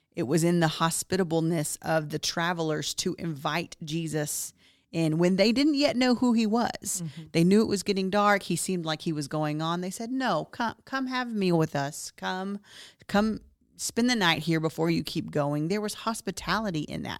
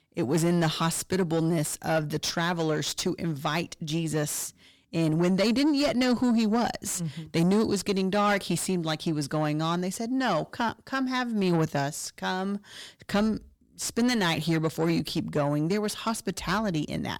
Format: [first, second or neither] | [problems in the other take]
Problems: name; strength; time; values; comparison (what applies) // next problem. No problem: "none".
first | distortion; slight; 10 dB below the speech